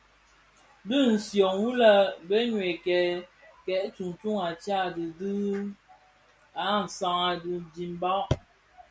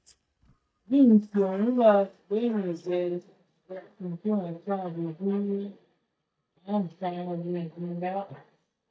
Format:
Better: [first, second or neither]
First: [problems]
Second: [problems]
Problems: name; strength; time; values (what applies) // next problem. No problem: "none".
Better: first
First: none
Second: noise reduction (neural mask model DeepFilterNet 3)